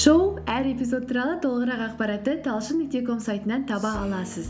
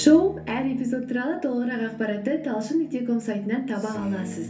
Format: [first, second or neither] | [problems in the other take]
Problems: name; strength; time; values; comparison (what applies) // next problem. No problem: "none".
first | room echo; dies away in 0.3 s